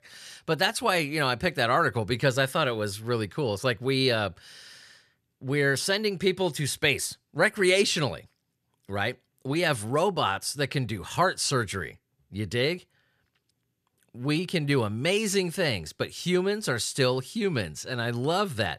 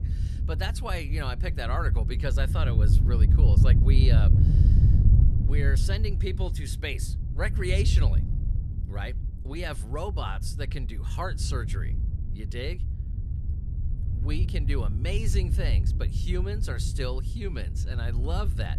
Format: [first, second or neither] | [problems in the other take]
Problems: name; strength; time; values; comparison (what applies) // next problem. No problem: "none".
first | wind noise on the microphone; heavy; 6 dB below the speech